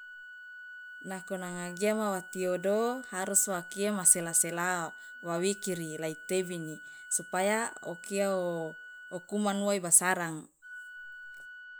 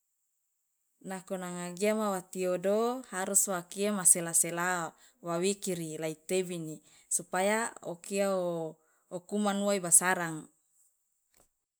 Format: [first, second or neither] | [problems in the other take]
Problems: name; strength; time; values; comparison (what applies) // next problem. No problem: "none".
second | background sound (Organ); 15 dB below the speech